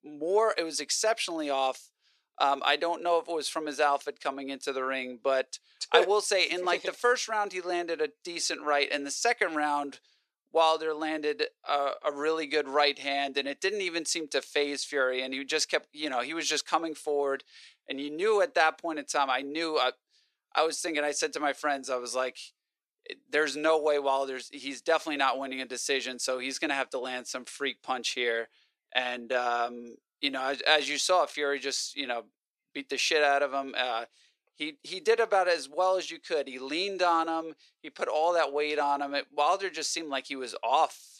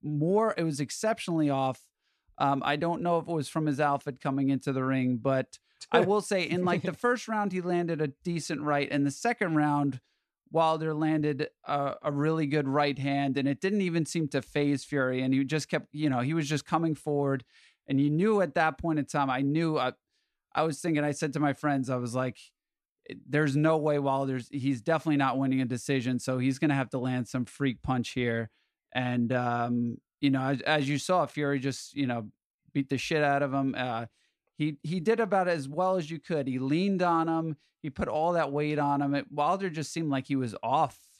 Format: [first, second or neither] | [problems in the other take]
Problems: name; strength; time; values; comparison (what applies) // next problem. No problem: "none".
second | thin; very; fading below 400 Hz